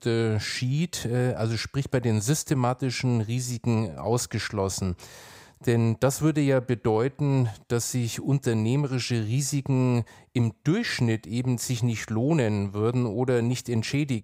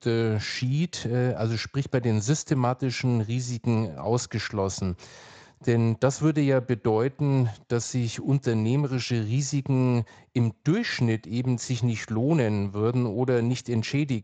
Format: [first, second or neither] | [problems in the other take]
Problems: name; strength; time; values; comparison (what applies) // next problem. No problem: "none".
first | garbled, watery; slightly; nothing above 7.5 kHz